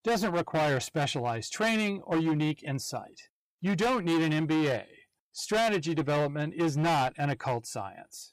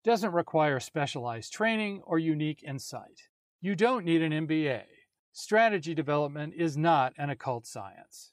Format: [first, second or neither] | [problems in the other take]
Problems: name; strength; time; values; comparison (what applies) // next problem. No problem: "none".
second | distortion; heavy; 17% of the sound clipped